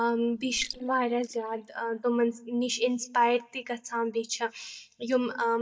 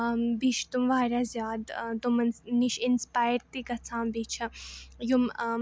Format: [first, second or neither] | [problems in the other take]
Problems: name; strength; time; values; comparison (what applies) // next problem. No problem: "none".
second | noise reduction (neural mask model DeepFilterNet 3)